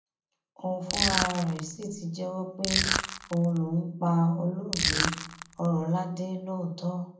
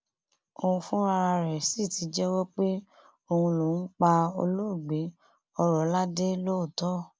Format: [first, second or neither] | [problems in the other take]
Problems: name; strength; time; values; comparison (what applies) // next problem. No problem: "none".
second | background sound (Crushing); as loud as the speech // room echo; dies away in 0.6 s